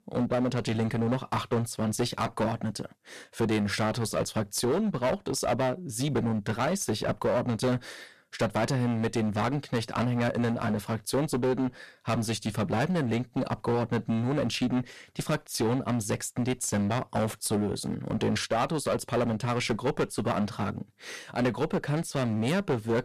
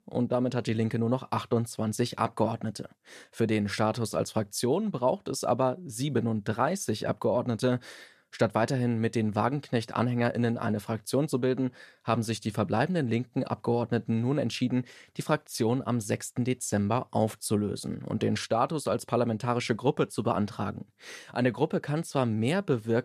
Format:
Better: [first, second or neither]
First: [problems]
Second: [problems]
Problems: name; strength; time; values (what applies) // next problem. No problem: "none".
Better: second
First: distortion; heavy; 12% of the sound clipped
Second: none